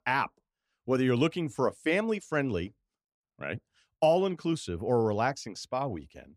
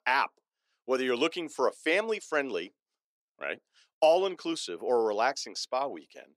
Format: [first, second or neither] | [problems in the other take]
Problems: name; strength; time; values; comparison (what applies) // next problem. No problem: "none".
first | thin; somewhat; fading below 350 Hz